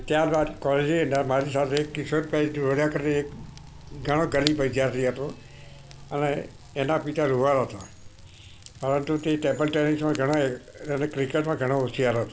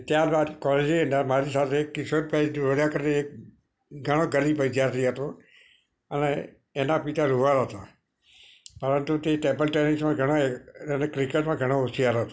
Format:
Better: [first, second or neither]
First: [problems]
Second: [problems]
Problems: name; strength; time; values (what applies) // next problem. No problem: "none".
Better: second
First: background sound (Fire / Rain); 16 dB below the speech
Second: none